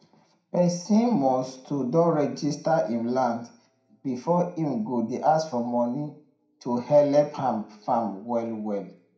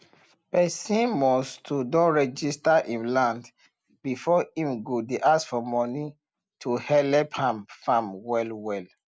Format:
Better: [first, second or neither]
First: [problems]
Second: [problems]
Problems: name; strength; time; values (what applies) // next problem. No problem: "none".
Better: second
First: room echo; dies away in 0.5 s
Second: none